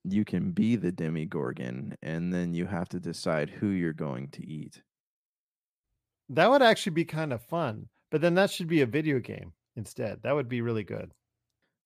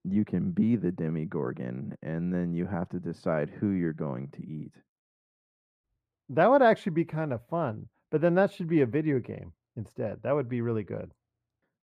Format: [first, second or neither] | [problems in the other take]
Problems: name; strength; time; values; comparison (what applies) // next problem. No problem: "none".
first | muffled; very; fading above 2.5 kHz